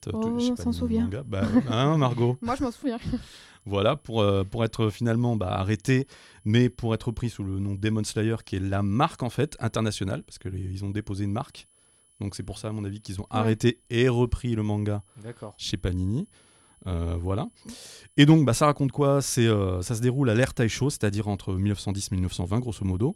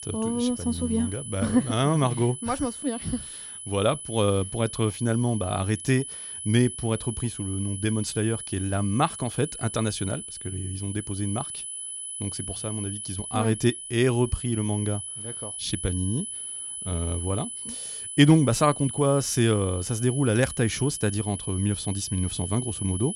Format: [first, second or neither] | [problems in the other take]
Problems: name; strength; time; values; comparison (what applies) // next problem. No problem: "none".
first | high-pitched whine; loud; throughout; 10 kHz, 8 dB below the speech; faint in the first